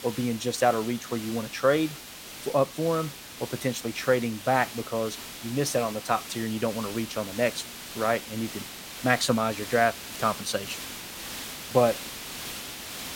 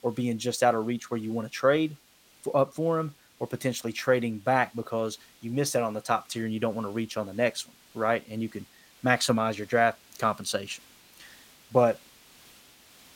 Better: second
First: hiss; loud; throughout; 10 dB below the speech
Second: hiss; faint; throughout; 25 dB below the speech

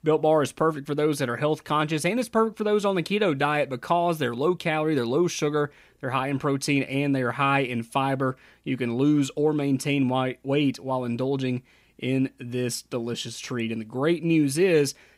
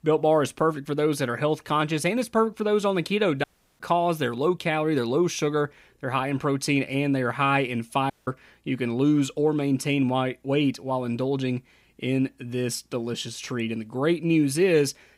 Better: first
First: none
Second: audio cutting out; at 3.5 s and at 8 s

